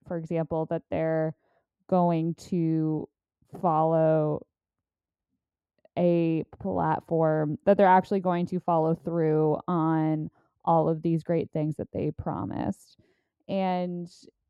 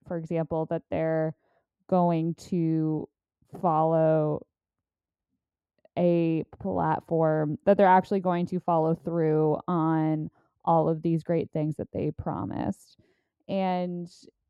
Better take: neither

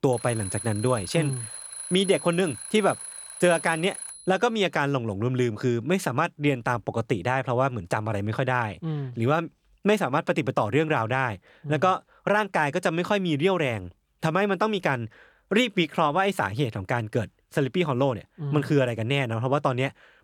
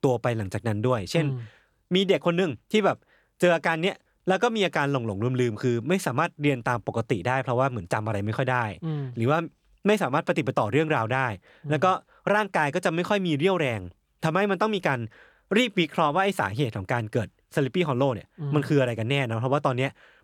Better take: second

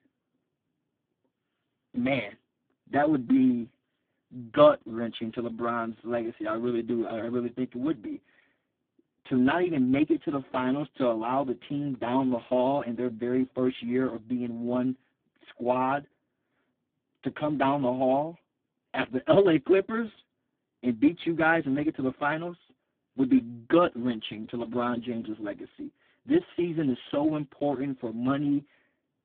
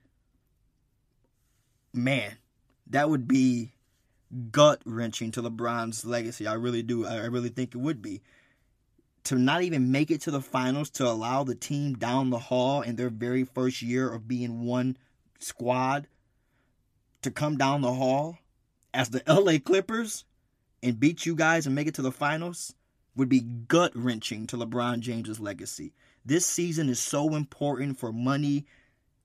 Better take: second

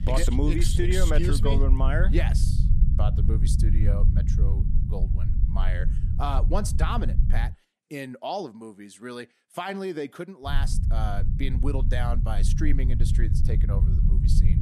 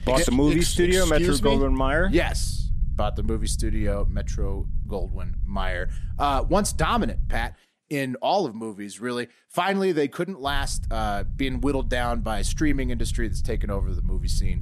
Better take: second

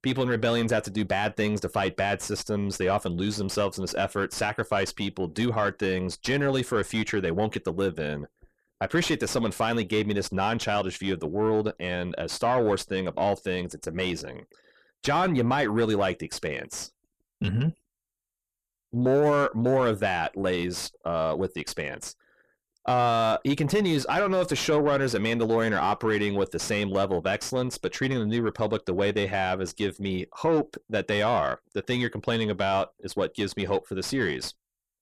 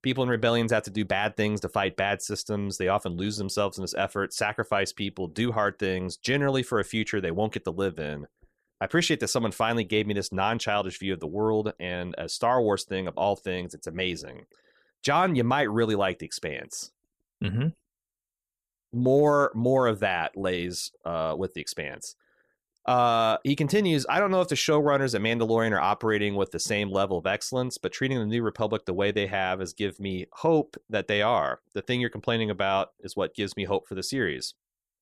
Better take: second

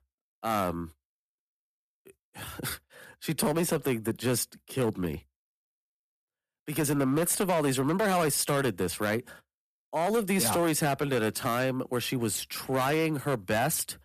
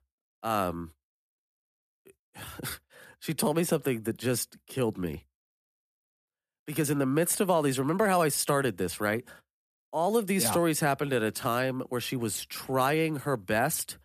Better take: second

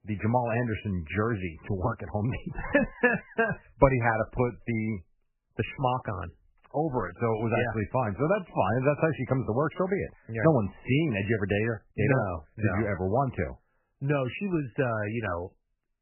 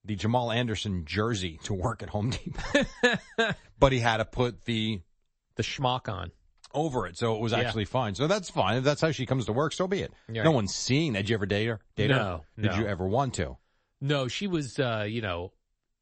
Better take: second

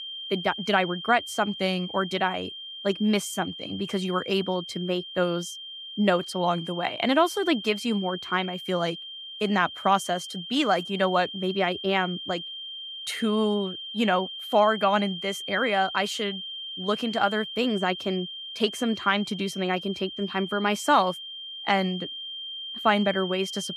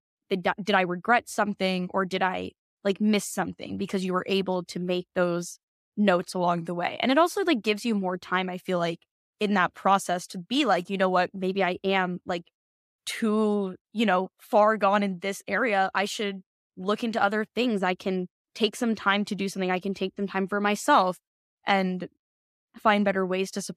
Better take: second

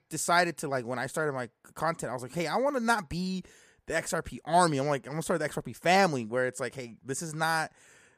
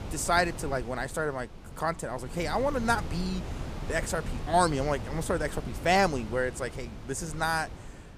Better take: first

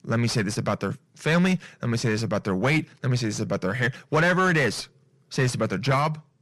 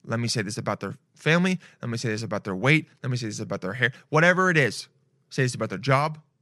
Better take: second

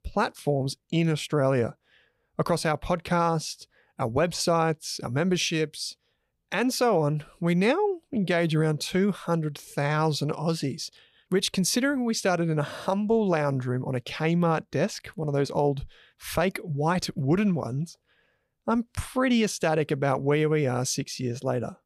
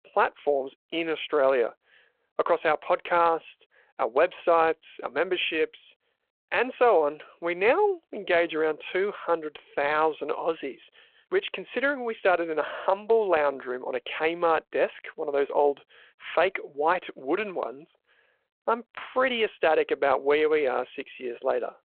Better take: first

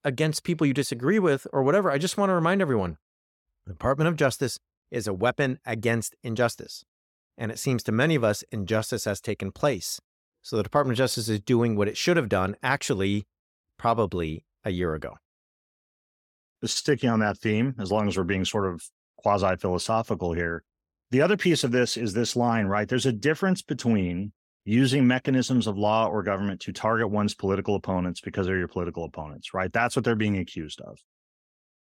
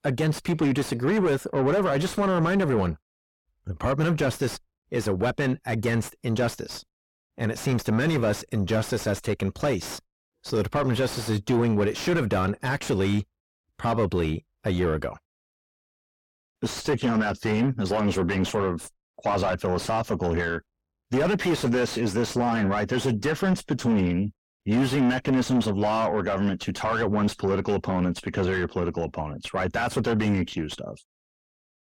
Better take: first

